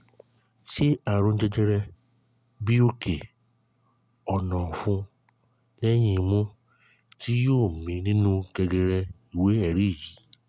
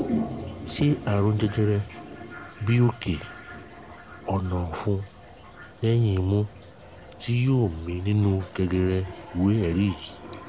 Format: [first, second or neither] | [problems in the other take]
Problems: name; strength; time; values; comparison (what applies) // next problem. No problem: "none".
first | background sound (Toilet flush); 12 dB below the speech